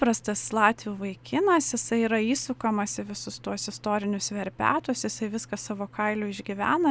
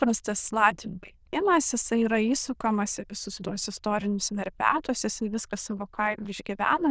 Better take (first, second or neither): first